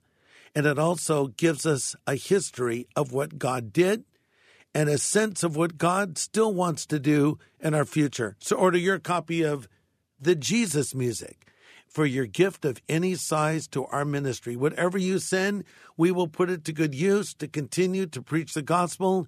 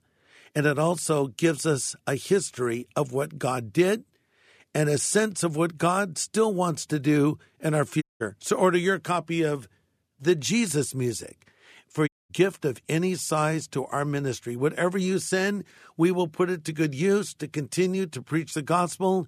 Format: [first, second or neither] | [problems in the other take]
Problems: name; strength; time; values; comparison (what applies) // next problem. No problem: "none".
first | audio cutting out; at 8 s and at 12 s